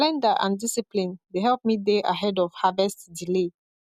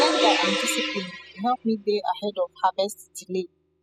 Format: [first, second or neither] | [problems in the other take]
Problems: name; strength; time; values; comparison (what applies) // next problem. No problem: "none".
first | noise reduction (classical method spectral subtraction)